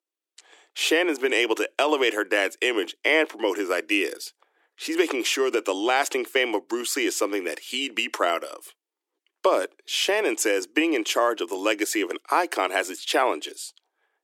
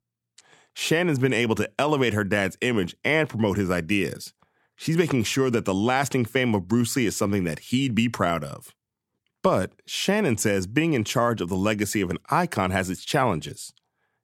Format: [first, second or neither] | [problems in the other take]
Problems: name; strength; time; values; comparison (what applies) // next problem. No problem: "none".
second | thin; very; fading below 300 Hz